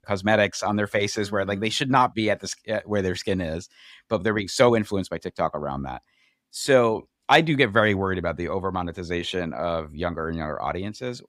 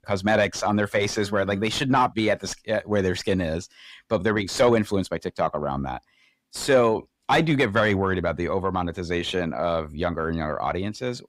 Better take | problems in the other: first | distortion; slight; 10 dB below the speech

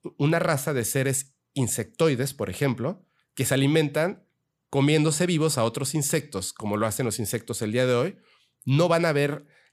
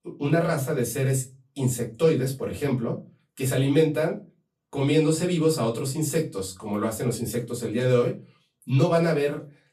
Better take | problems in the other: first | off-mic speech; far // room echo; very slight; dies away in 0.2 s

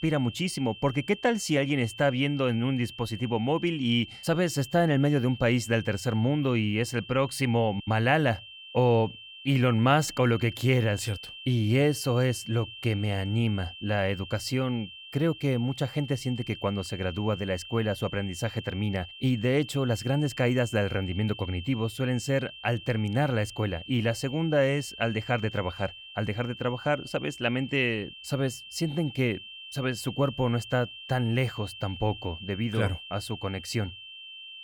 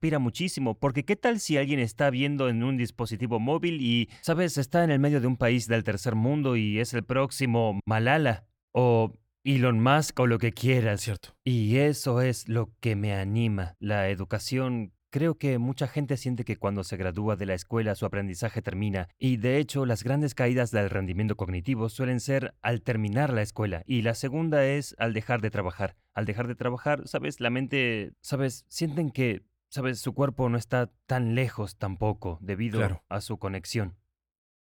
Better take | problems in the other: second | high-pitched whine; noticeable; throughout; 3 kHz, 15 dB below the speech

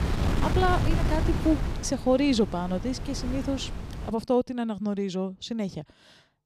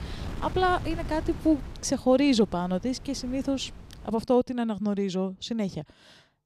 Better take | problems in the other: second | wind noise on the microphone; heavy; until 4 s; 7 dB below the speech; occasional gusts in the second

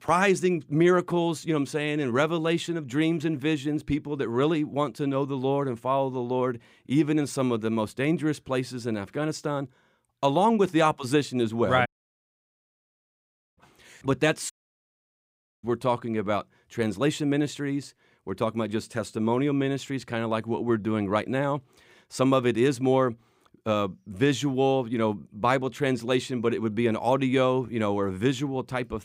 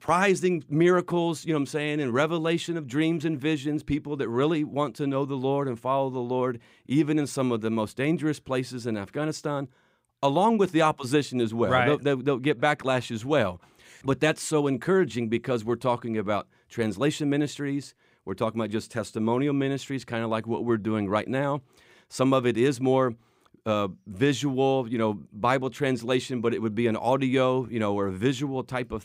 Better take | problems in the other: second | audio cutting out; at 12 s for 1.5 s and at 15 s for 1 s

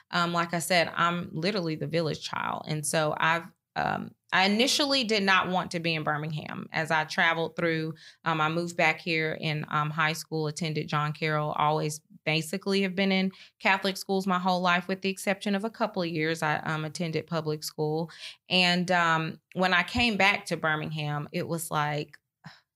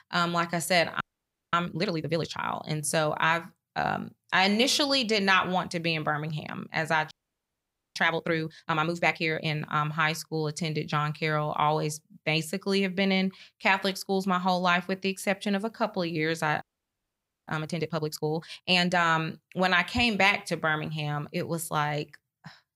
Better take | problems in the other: first | audio freezing; at 1 s for 0.5 s, at 7 s for 1 s and at 17 s for 1 s

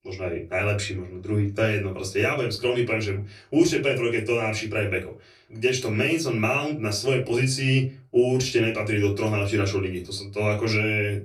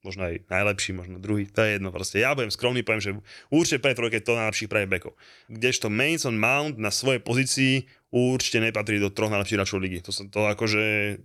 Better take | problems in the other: second | off-mic speech; far // room echo; very slight; dies away in 0.2 s

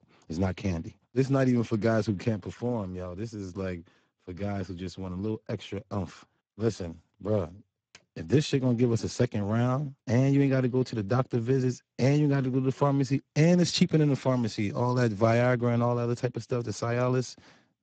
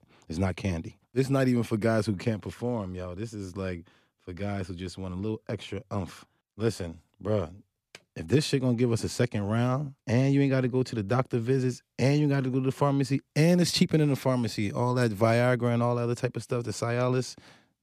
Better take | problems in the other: second | garbled, watery; badly; nothing above 7.5 kHz

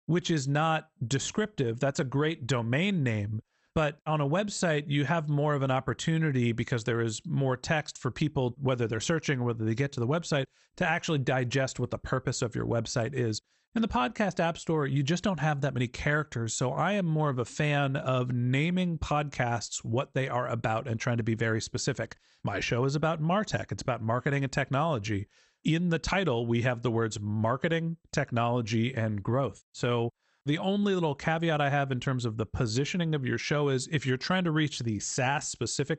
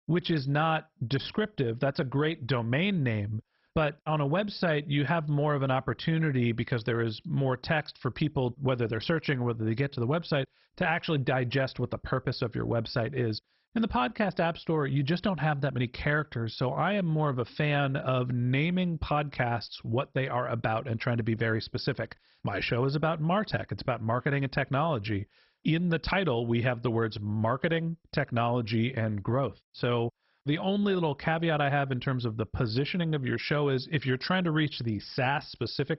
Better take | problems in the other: first | garbled, watery; badly; nothing above 5.5 kHz; slightly in the first

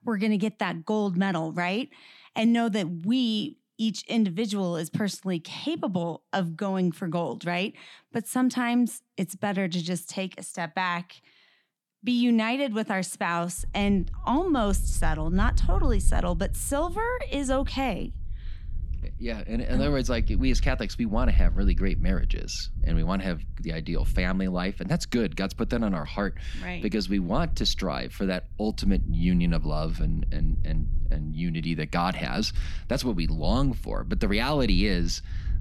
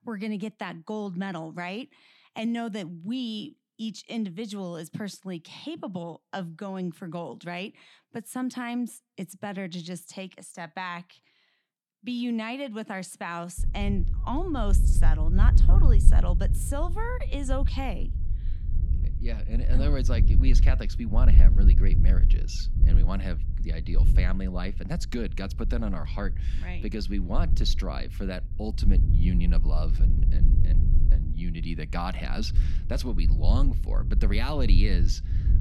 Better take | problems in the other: first | low rumble; loud; from 14 s on; 9 dB below the speech; faint in the first

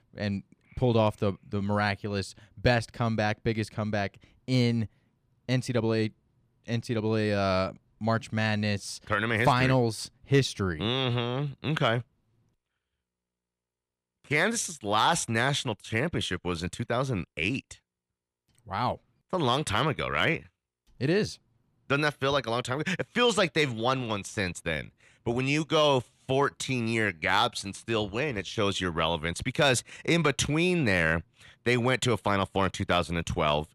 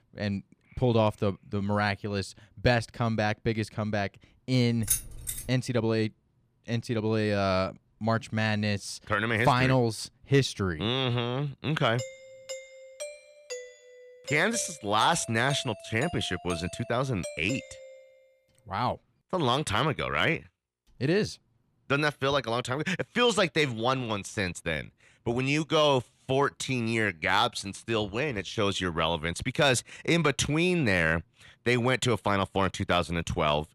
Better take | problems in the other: first | jangling keys; noticeable; at 5 s; peak level with the speech // doorbell; faint; from 12 to 18 s; peak 10 dB below the speech

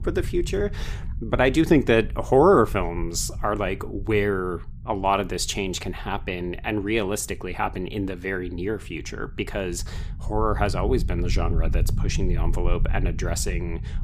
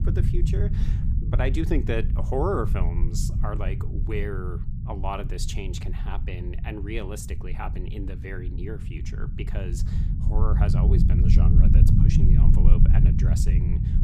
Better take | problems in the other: first | low rumble; loud; throughout; 3 dB below the speech; faint in the first

